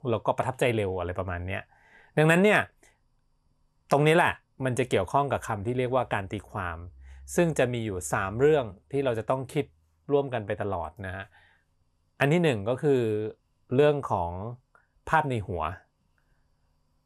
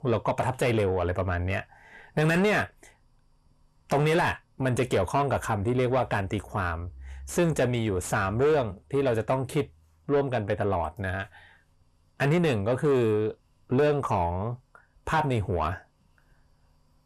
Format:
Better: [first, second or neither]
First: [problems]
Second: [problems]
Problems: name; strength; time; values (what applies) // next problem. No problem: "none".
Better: first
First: none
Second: distortion; heavy; 7 dB below the speech